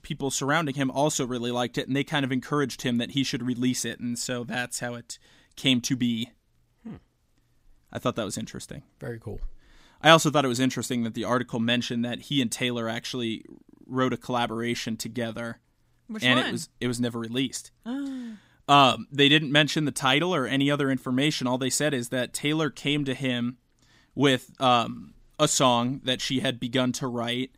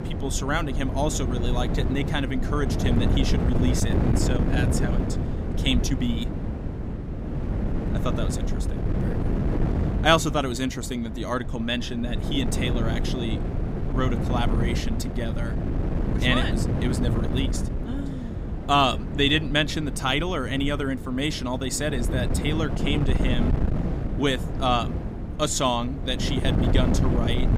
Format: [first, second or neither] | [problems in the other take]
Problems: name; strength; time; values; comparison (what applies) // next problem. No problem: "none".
first | wind noise on the microphone; heavy; 8 dB below the speech